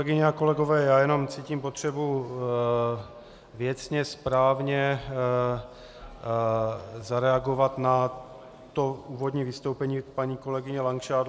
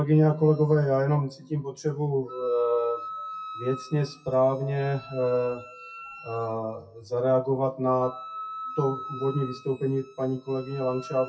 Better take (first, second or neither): first